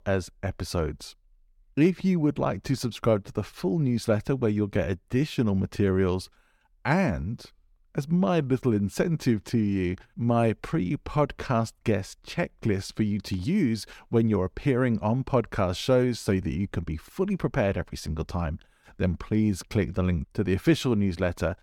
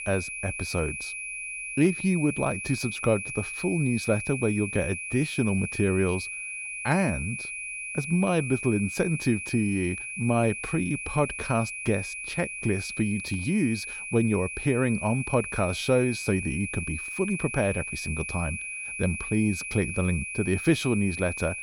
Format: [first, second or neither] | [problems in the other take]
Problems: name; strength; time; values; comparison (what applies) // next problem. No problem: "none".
first | high-pitched whine; loud; throughout; 2.5 kHz, 5 dB below the speech